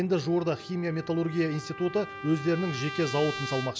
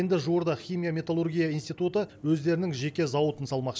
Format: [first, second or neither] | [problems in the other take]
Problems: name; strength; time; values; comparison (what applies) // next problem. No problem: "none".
second | background sound (Trumpet); 11 dB below the speech